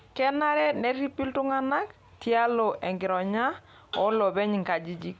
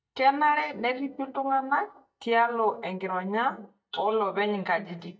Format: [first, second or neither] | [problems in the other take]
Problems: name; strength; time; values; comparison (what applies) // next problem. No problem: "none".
first | noise reduction (neural mask model DeepFilterNet 3)